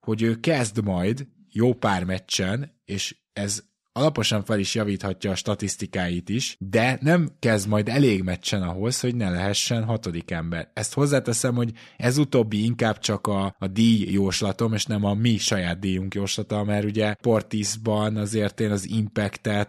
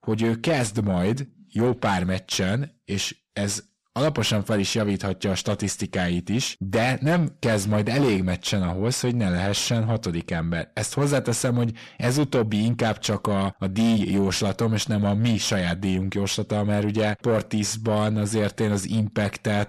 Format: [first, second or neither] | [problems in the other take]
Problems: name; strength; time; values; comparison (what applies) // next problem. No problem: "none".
first | distortion; slight; 10 dB below the speech